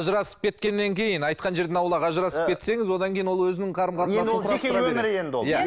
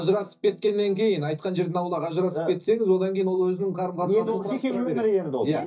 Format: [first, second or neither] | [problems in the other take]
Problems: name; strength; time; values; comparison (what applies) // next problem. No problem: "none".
first | noise reduction (neural mask model DeepFilterNet 3)